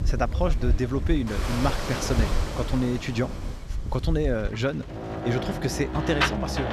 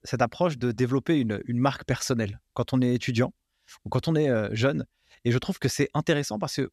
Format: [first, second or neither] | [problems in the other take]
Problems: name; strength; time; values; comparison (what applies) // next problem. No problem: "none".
second | rain or running water; loud; throughout; 1 dB below the speech